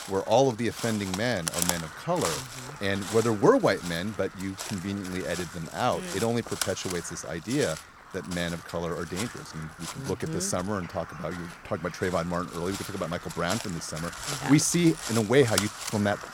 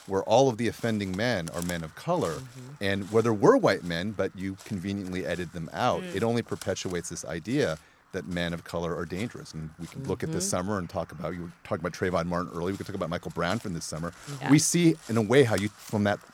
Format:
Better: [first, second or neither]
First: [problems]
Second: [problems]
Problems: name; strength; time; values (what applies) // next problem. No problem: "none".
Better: second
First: animal sounds; loud; throughout; 8 dB below the speech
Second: animal sounds; faint; throughout; 20 dB below the speech